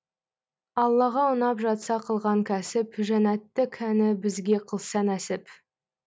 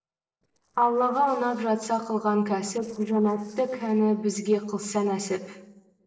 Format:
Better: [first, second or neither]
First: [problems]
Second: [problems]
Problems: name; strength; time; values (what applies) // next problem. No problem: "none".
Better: first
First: none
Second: noise reduction (neural separator model SepFormer DNS4)